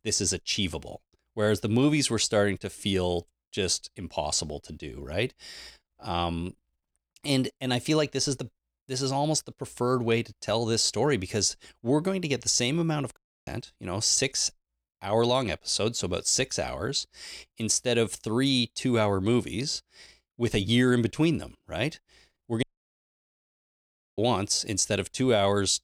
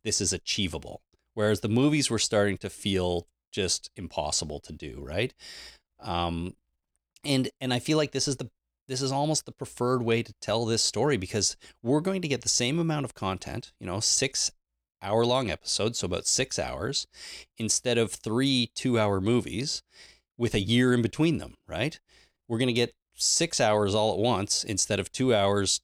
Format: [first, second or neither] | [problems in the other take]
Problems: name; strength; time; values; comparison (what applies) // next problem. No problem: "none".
second | audio cutting out; at 13 s and at 23 s for 1.5 s